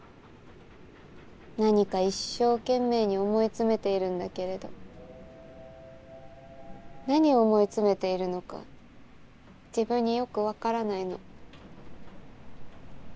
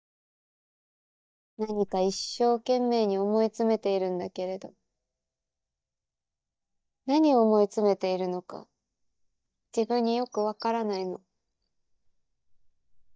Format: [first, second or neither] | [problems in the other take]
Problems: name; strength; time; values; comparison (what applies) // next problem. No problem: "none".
first | noise reduction (neural mask model DeepFilterNet 3)